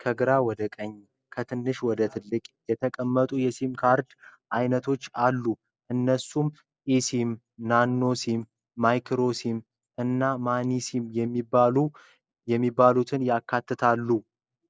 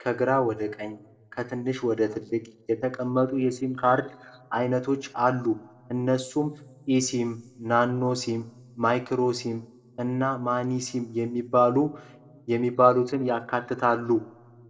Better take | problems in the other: first | noise reduction (neural separator model SepFormer DNS4)

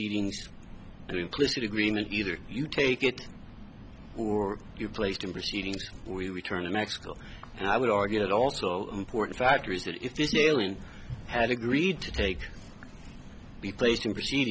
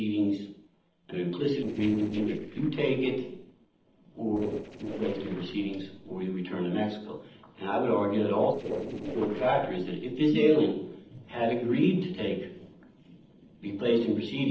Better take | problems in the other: first | noise reduction (neural separator model SepFormer DNS4)

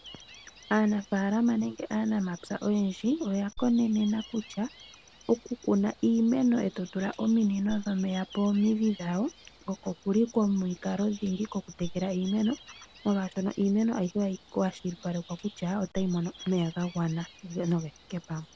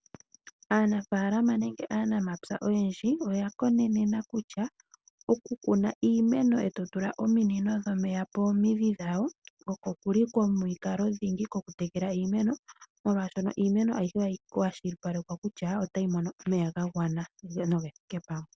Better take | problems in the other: second | background sound (Gull, seagull); 20 dB below the speech

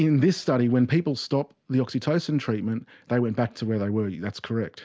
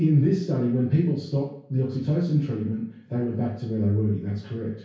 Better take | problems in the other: first | room echo; dies away in 0.6 s

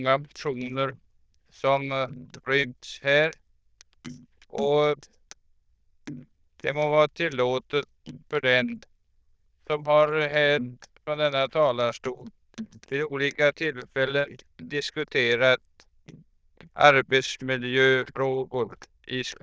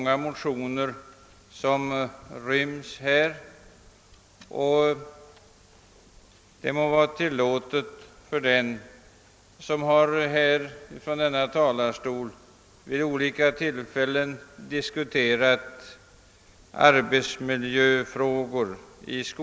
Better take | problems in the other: second | noise reduction (neural diffusion model UNIVERSE++)

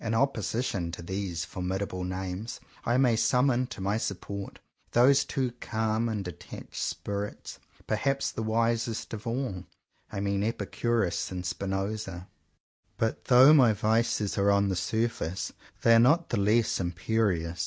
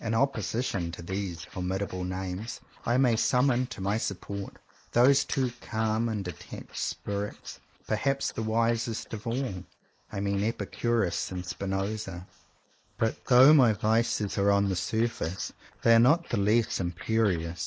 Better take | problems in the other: first | noise reduction (neural mask model Resemble Enhance denoiser)

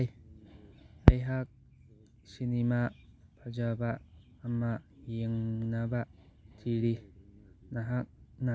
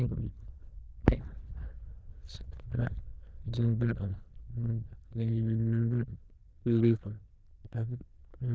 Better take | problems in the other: first | noise reduction (neural diffusion model UNIVERSE++)

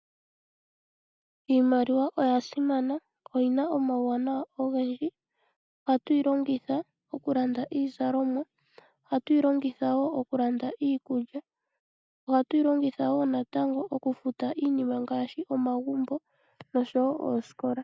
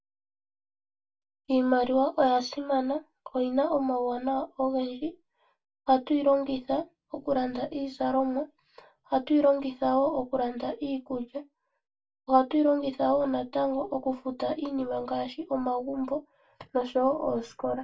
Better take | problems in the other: first | room echo; dies away in 0.1 s

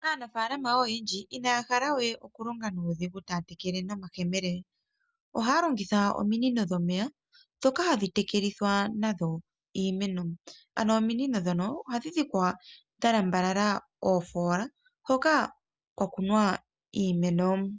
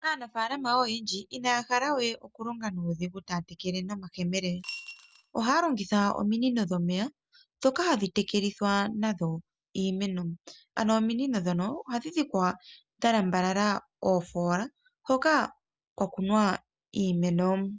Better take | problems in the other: first | background sound (Coin (dropping) / Glass); 15 dB below the speech

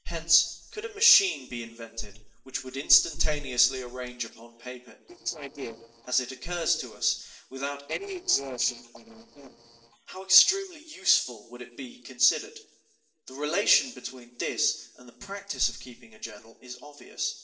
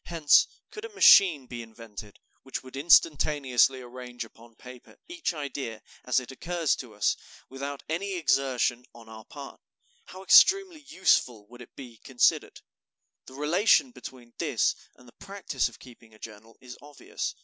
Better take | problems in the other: second | noise reduction (neural separator model SepFormer DNS4)

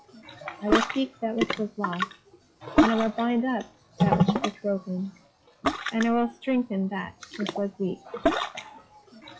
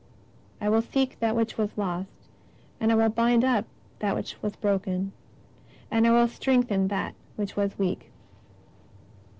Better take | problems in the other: second | noise reduction (classical method log-MMSE)

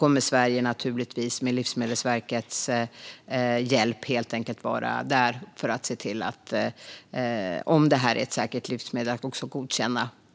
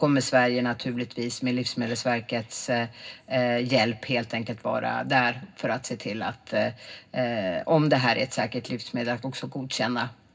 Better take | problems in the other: first | room echo; dies away in 0.4 s

